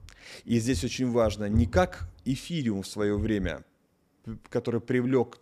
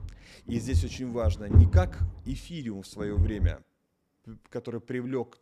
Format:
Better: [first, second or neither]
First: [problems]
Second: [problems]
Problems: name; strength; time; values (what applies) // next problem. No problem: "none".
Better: first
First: low rumble; faint; until 3.5 s; 20 dB below the speech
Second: low rumble; loud; until 3.5 s; 5 dB below the speech